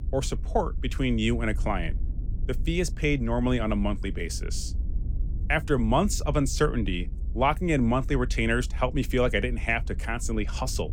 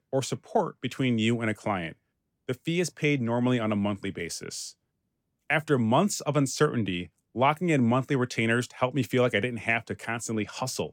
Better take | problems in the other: second | low rumble; faint; throughout; 25 dB below the speech

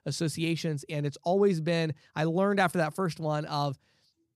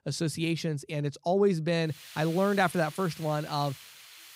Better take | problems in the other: first | hiss; noticeable; from 2 s on; 15 dB below the speech

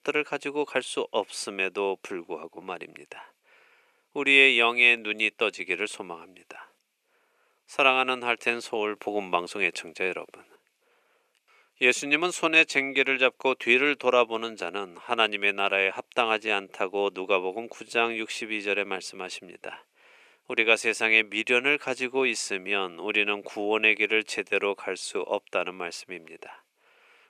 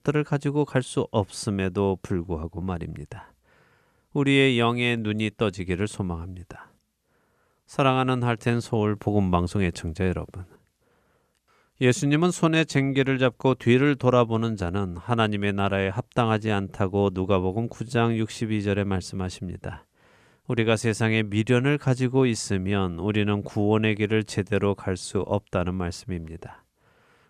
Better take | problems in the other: second | thin; very; fading below 400 Hz

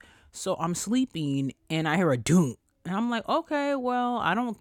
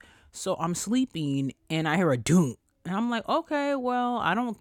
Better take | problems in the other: neither | none

